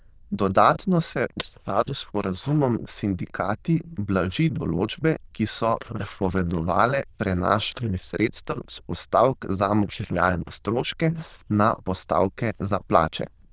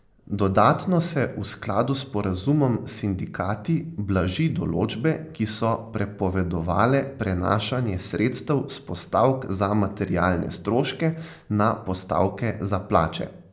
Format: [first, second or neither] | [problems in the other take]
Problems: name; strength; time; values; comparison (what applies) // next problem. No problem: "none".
second | noise reduction (neural diffusion model UNIVERSE++)